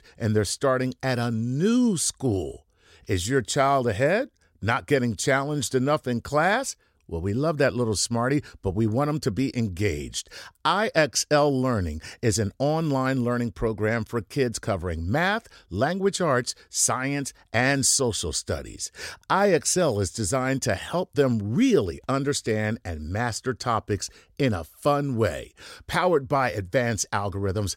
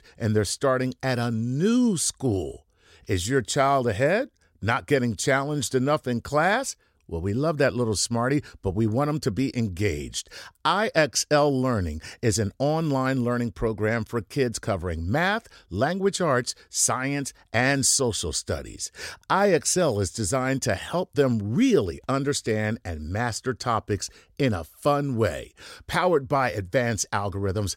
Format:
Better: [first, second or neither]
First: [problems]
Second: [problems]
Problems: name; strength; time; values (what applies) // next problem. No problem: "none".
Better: neither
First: none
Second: none